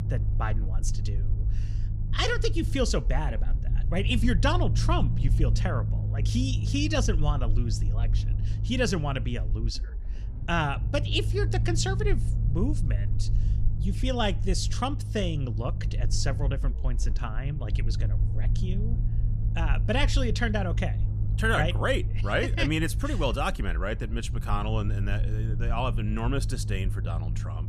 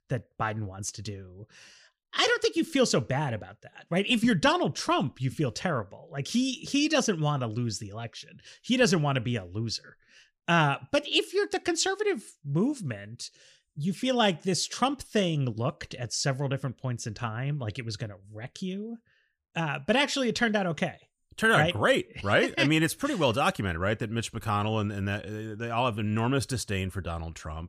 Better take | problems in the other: second | low rumble; noticeable; throughout; 15 dB below the speech

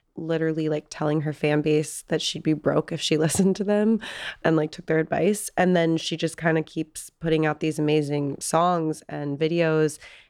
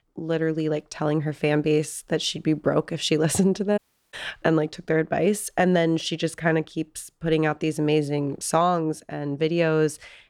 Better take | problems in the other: first | audio cutting out; at 4 s

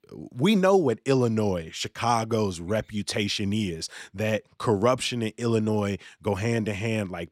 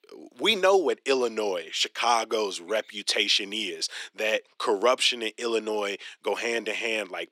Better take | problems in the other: first | thin; very; fading below 350 Hz

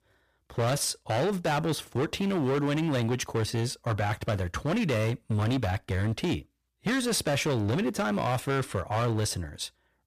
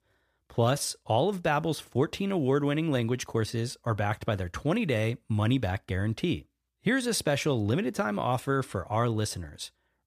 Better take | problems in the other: second | distortion; heavy; 19% of the sound clipped

